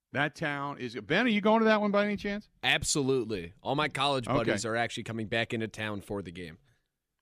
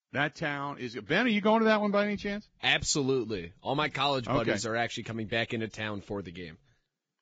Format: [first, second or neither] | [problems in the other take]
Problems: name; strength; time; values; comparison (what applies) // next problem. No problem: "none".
first | garbled, watery; badly; nothing above 7.5 kHz